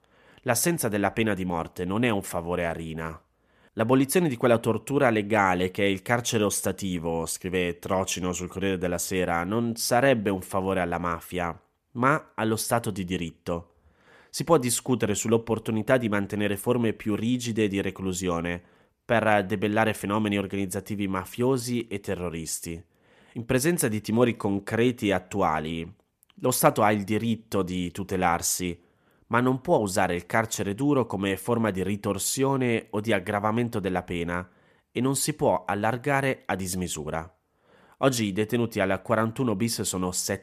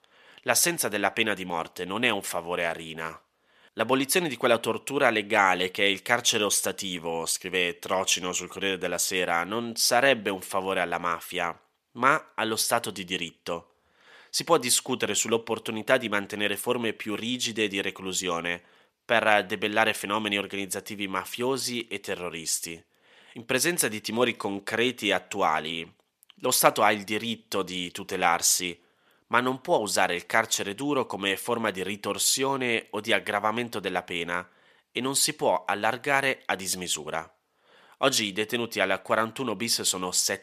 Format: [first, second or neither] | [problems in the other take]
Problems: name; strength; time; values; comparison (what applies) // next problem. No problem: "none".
first | thin; very slightly; fading below 1 kHz